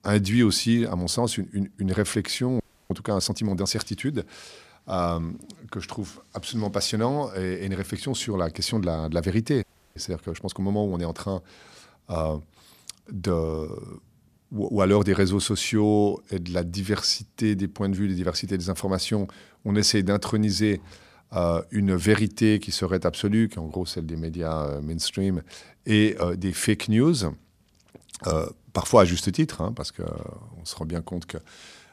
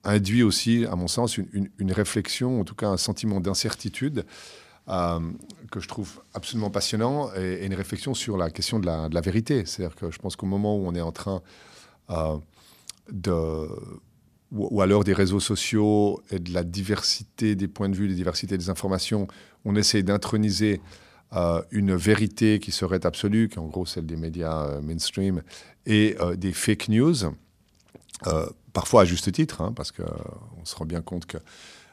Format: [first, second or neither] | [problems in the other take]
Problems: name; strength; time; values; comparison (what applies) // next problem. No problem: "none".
second | audio freezing; at 2.5 s and at 9.5 s